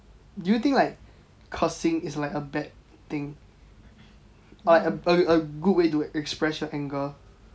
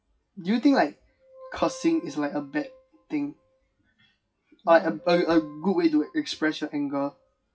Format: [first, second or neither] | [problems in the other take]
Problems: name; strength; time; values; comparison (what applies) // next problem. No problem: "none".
first | noise reduction (classical method WPE with log-MMSE)